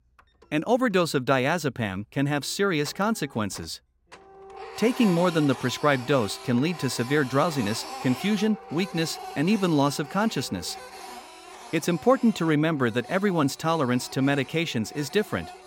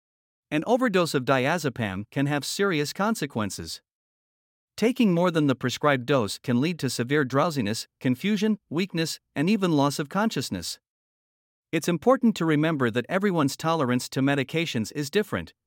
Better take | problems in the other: second | household noises; noticeable; throughout; 15 dB below the speech

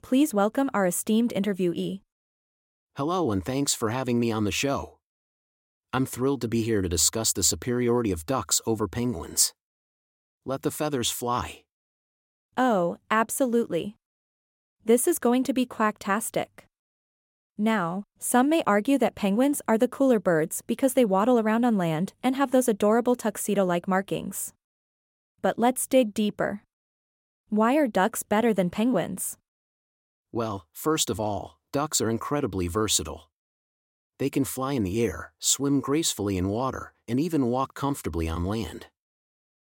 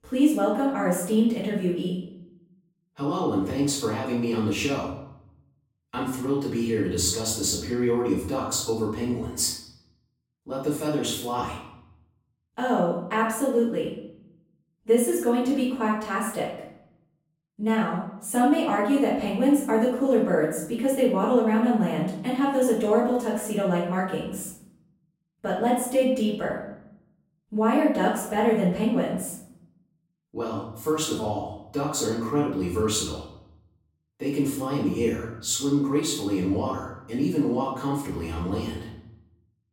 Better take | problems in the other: first | off-mic speech; far // room echo; noticeable; dies away in 0.7 s

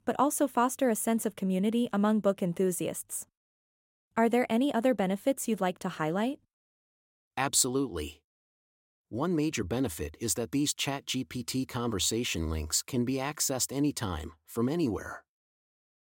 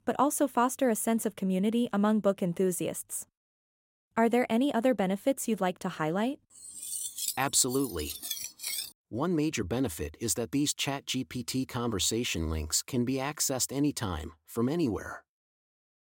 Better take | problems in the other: first | clattering dishes; noticeable; from 6.5 to 9 s; peak 2 dB below the speech

